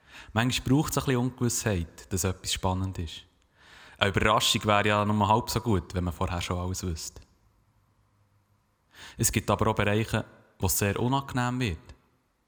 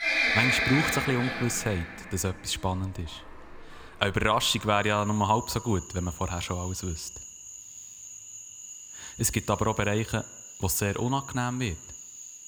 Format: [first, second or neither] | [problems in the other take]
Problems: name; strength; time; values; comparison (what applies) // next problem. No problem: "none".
first | animal sounds; loud; throughout; 5 dB below the speech